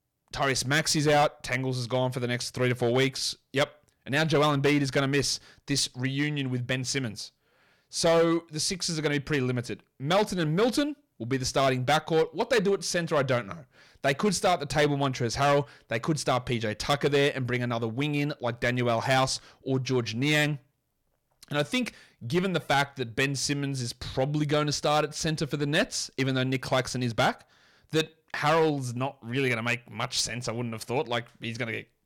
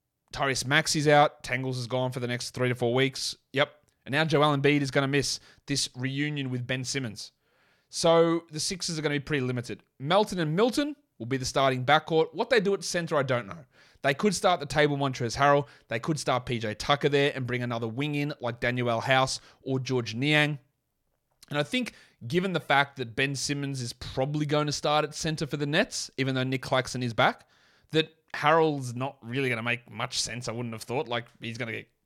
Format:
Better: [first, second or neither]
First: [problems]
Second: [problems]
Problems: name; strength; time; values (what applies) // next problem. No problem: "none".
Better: second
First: distortion; slight; 4% of the sound clipped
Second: none